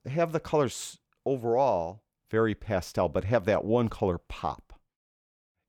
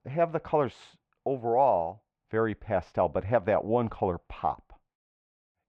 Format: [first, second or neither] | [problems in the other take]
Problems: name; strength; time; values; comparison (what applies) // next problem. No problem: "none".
first | muffled; very; fading above 2 kHz